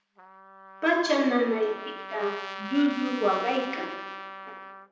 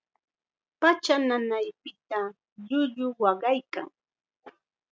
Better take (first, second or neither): second